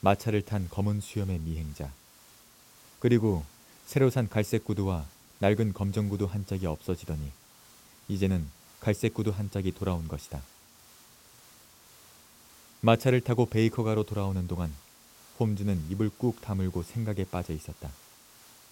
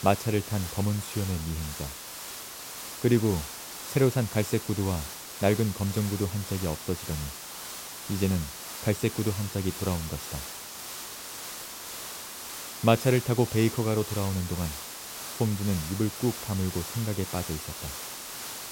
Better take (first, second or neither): first